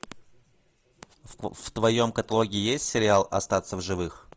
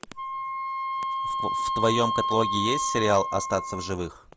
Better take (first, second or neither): first